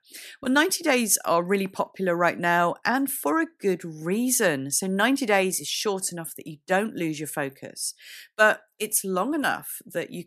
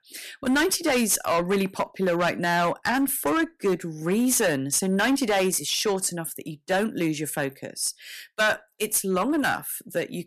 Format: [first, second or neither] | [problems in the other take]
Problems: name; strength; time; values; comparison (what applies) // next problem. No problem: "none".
first | distortion; heavy; 9% of the sound clipped